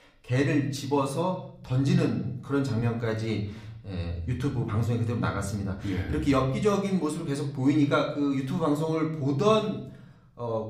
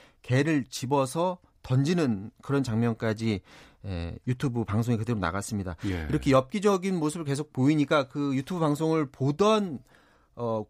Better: second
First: room echo; slight; dies away in 0.7 s // off-mic speech; somewhat distant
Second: none

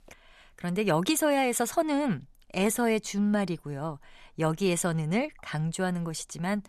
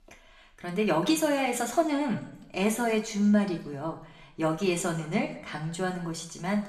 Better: first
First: none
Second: room echo; slight; dies away in 0.7 s // off-mic speech; somewhat distant

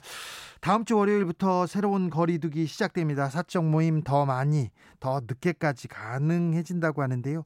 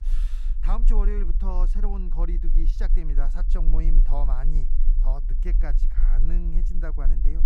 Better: first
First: none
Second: low rumble; noticeable; throughout; 10 dB below the speech

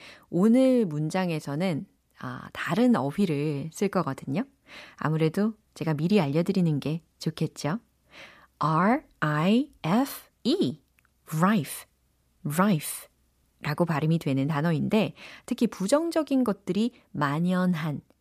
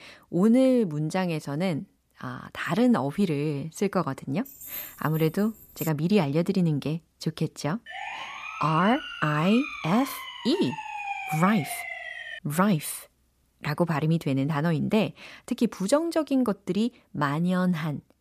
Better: first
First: none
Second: jangling keys; noticeable; from 4.5 to 6 s; peak 9 dB below the speech // siren; noticeable; from 8 to 12 s; peak 5 dB below the speech

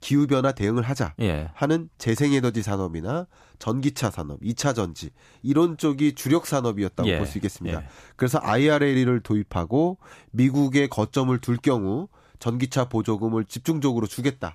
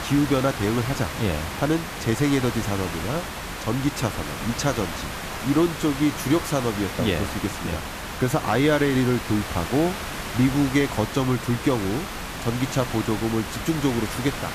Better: first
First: none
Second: hiss; loud; throughout; 6 dB below the speech

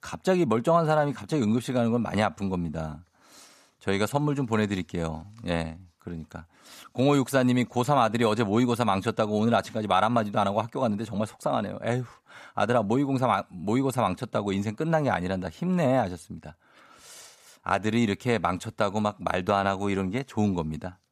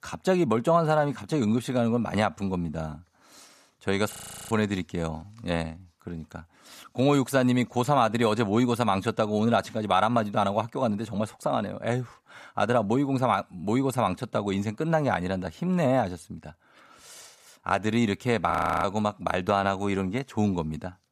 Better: first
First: none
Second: audio freezing; at 4 s and at 19 s

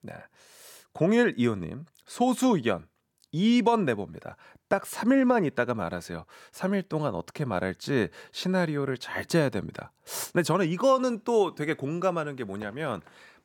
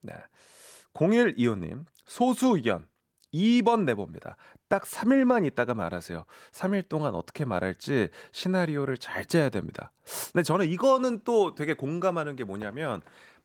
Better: first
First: none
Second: garbled, watery; slightly; nothing above 17.5 kHz

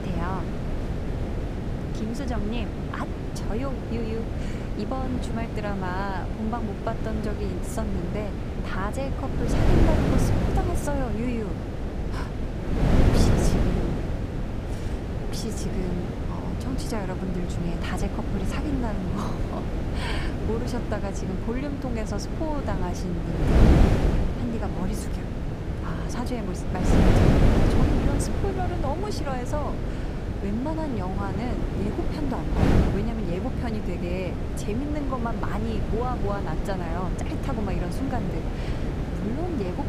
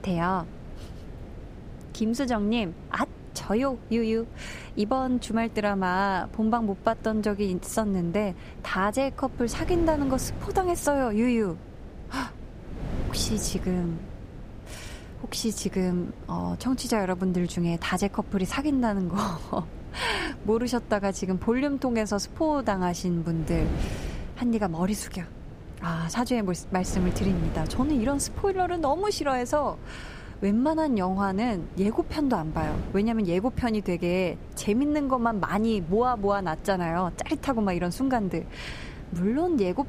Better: second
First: wind noise on the microphone; heavy; 1 dB above the speech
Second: wind noise on the microphone; occasional gusts; 15 dB below the speech

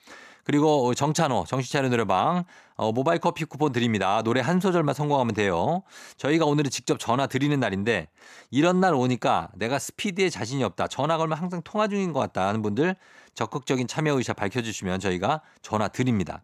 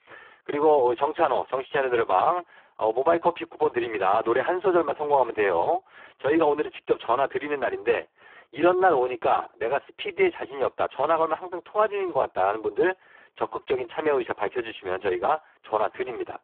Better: first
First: none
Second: phone-call audio; poor line

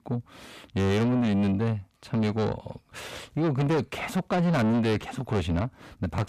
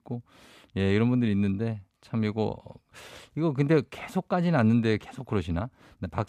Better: second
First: distortion; heavy; 7 dB below the speech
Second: none

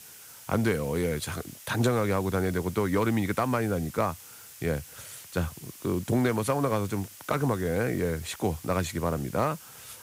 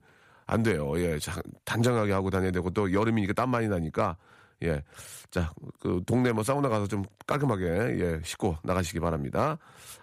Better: second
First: hiss; noticeable; throughout; 15 dB below the speech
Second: none

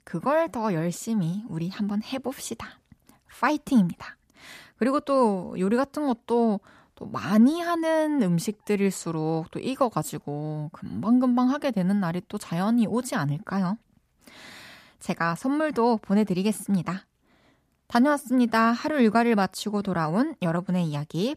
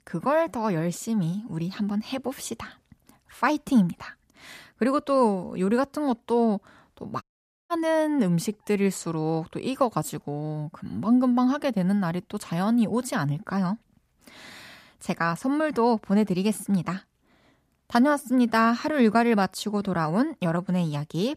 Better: first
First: none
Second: audio cutting out; at 7 s

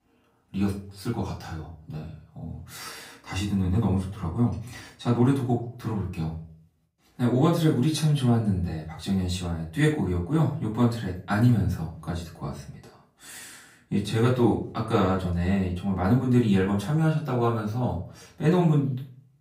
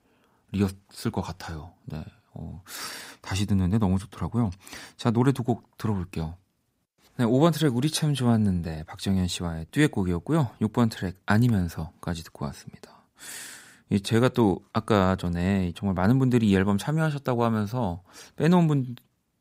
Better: second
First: off-mic speech; far // room echo; slight; dies away in 0.4 s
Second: none

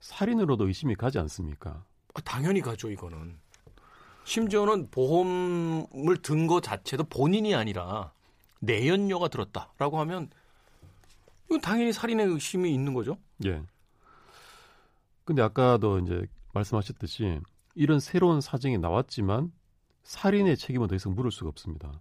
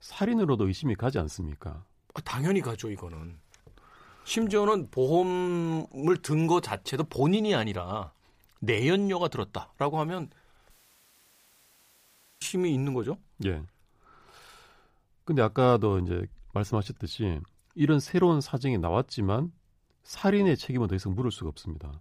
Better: first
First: none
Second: audio cutting out; at 11 s for 1.5 s

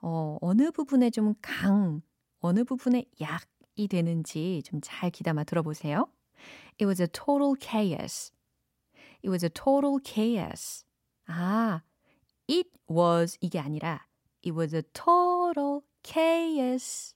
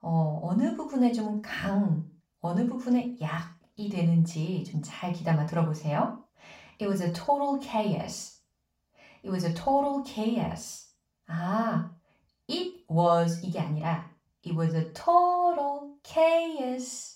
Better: first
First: none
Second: room echo; slight; dies away in 0.3 s // off-mic speech; far

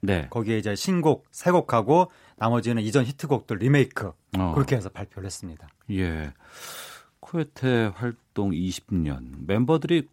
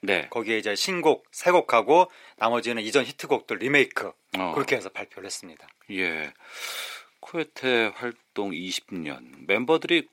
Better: first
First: none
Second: thin; somewhat; fading below 450 Hz

